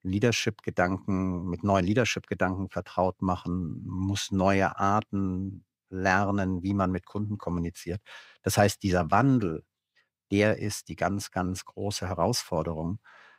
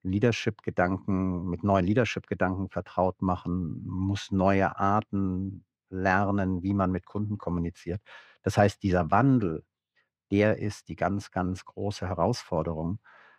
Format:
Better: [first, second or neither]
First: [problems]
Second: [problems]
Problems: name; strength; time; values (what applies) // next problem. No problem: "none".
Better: first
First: none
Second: muffled; slightly; fading above 2 kHz